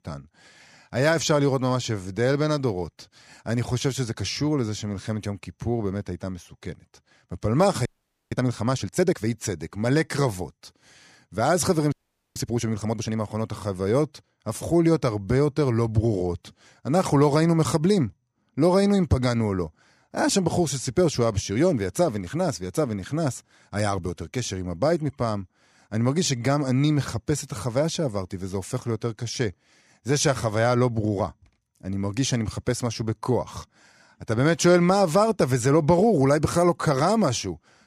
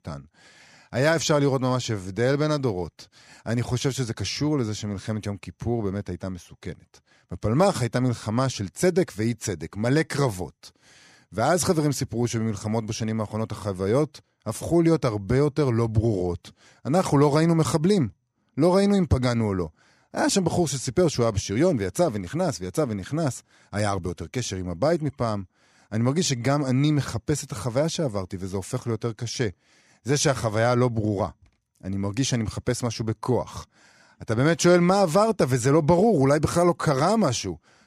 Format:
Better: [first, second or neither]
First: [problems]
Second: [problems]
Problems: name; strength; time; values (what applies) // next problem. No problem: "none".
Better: second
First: audio freezing; at 8 s and at 12 s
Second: none